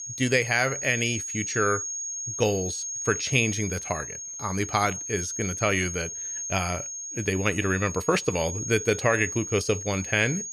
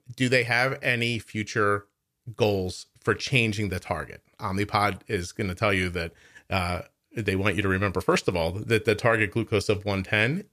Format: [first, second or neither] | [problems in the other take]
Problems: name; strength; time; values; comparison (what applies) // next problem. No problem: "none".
second | high-pitched whine; loud; throughout; 6.5 kHz, 5 dB below the speech